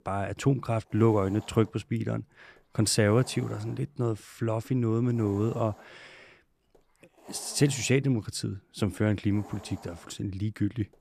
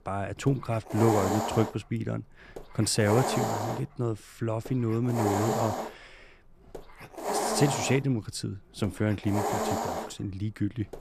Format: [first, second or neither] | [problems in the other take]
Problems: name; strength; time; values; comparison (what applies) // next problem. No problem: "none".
first | hiss; loud; throughout; 2 dB below the speech; faint in the first